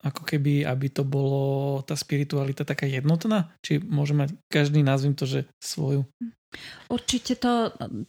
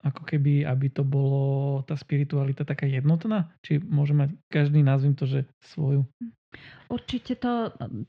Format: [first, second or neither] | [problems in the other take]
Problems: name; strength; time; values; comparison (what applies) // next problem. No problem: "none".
first | muffled; slightly; fading above 3 kHz